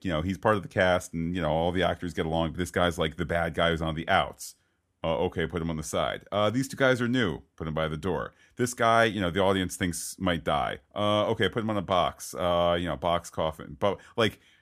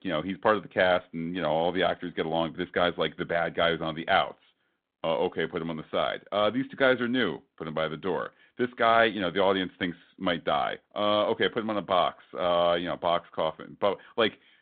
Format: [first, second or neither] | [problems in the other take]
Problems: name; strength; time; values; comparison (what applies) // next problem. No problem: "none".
first | phone-call audio